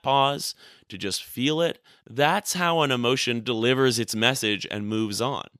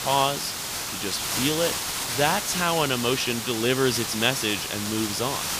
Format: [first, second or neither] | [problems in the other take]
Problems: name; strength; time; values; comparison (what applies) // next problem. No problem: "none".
first | hiss; loud; throughout; 2 dB below the speech